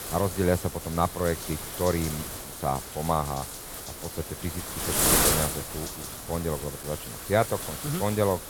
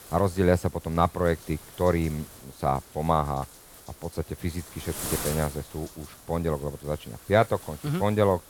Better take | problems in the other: second | wind noise on the microphone; heavy; 2 dB below the speech; occasional gusts in the second

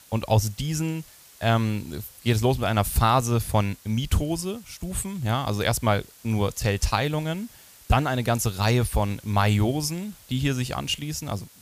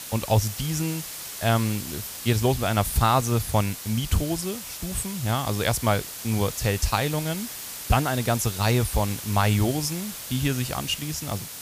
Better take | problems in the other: first | hiss; loud; throughout; 8 dB below the speech; faint in the first

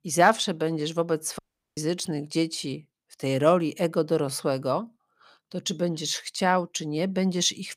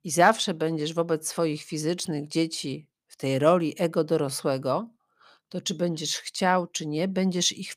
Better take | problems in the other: second | audio cutting out; at 1.5 s

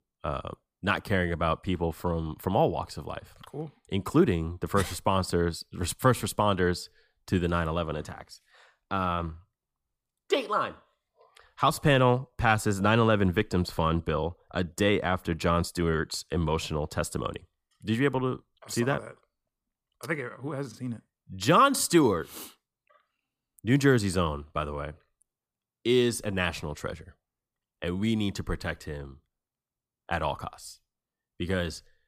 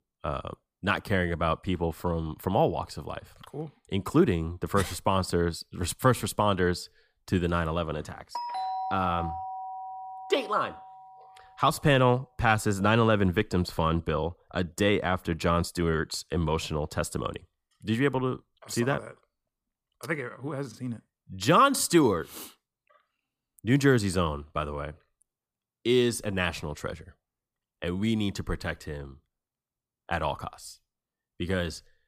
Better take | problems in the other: first | doorbell; noticeable; from 8.5 to 11 s; peak 4 dB below the speech

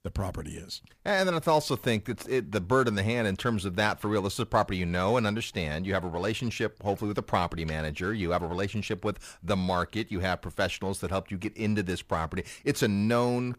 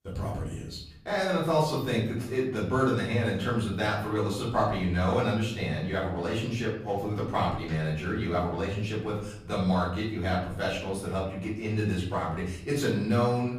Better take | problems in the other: first | off-mic speech; far // room echo; noticeable; dies away in 0.7 s

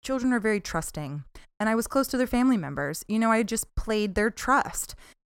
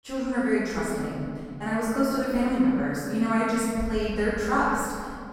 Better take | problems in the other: first | off-mic speech; far // room echo; strong; dies away in 2.2 s

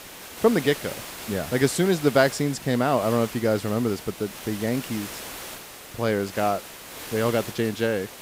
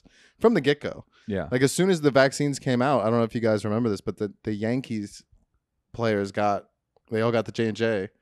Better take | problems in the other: second | hiss; noticeable; throughout; 10 dB below the speech

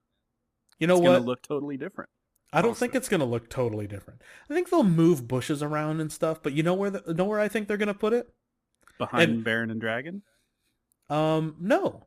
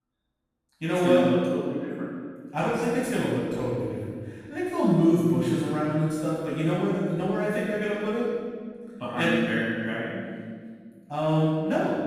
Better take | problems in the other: first | off-mic speech; far // room echo; strong; dies away in 1.6 s

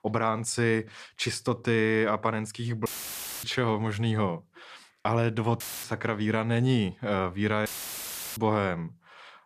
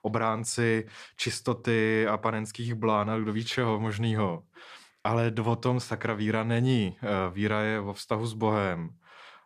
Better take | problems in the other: second | audio cutting out; filled with static; at 3 s for 0.5 s, at 5.5 s and at 7.5 s for 0.5 s

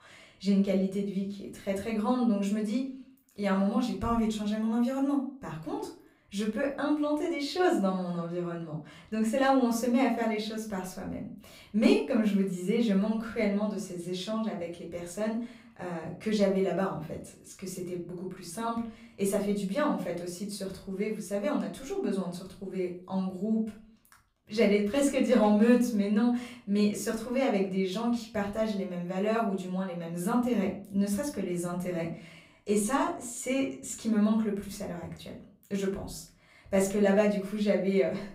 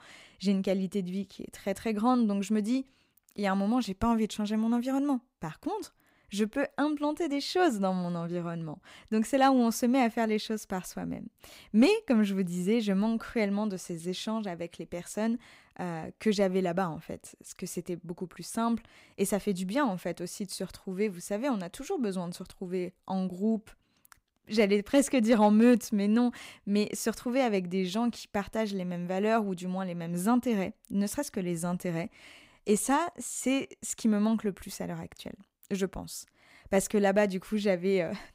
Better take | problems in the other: second | off-mic speech; far // room echo; slight; dies away in 0.4 s

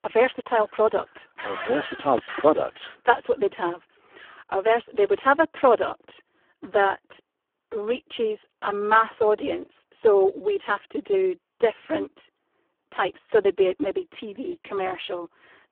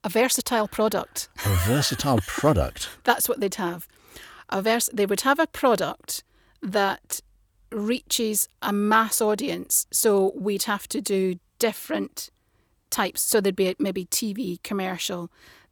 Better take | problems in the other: second | phone-call audio; poor line

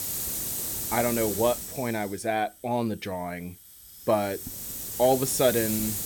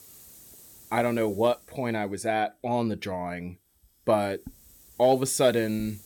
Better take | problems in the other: second | hiss; loud; throughout; 3 dB below the speech; faint in the second

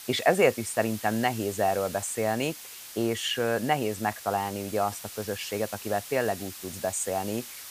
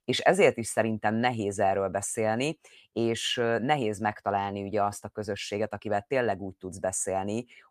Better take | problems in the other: second | hiss; noticeable; throughout; 10 dB below the speech

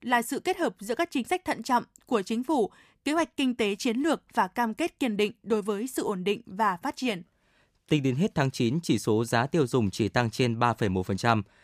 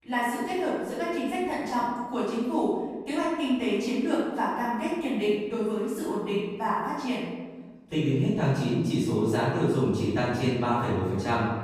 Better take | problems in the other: first | off-mic speech; far // room echo; strong; dies away in 1.4 s

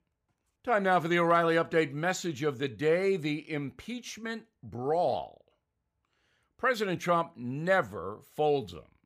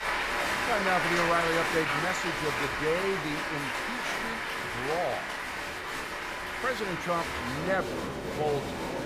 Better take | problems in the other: first | crowd noise; very loud; throughout; 1 dB above the speech

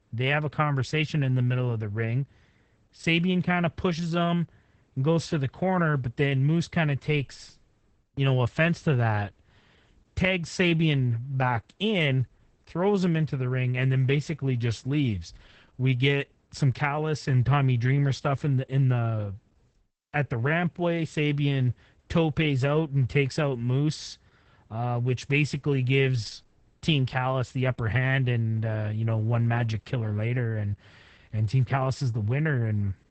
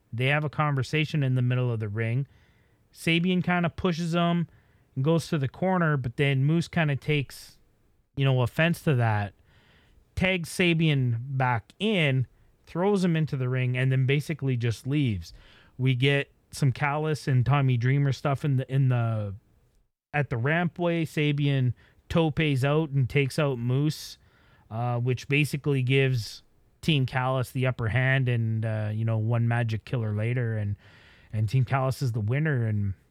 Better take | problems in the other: second | garbled, watery; badly; nothing above 8 kHz

